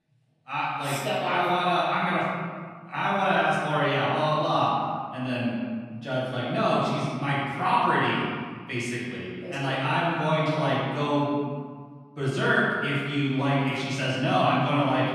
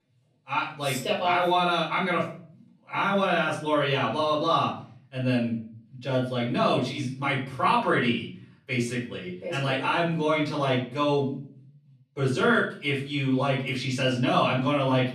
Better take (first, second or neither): second